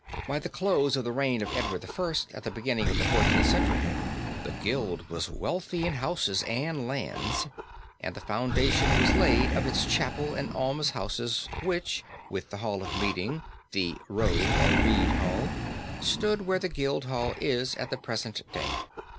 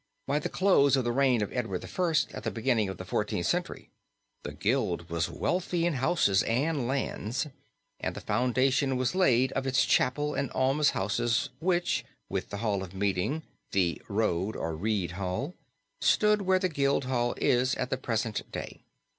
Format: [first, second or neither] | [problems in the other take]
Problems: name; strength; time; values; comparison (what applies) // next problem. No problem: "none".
second | background sound (Animal); as loud as the speech